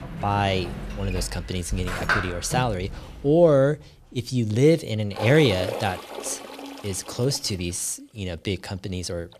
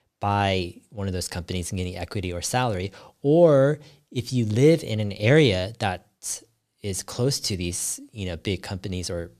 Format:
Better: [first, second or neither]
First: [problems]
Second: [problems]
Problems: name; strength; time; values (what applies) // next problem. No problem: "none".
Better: second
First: household noises; loud; throughout; 8 dB below the speech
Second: none